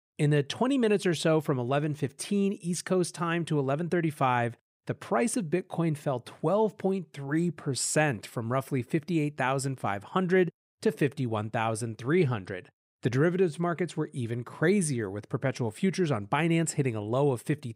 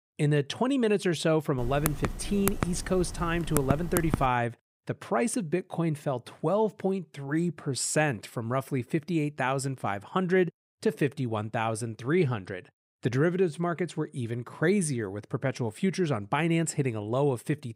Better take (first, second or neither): first